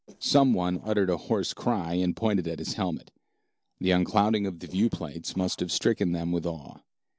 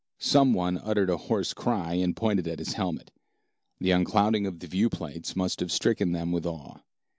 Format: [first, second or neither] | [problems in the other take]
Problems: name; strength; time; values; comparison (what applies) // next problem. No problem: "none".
second | noise reduction (neural separator model SepFormer DNS4)